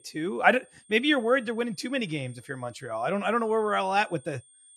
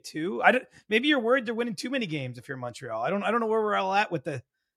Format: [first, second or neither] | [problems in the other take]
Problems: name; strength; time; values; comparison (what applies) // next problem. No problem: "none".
second | high-pitched whine; faint; throughout; 8.5 kHz, 25 dB below the speech